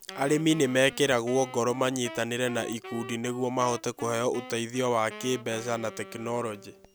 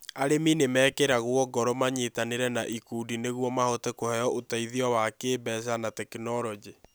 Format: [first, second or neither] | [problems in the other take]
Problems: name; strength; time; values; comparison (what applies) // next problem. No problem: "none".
second | background sound (Wind instrument, woodwind instrument); 16 dB below the speech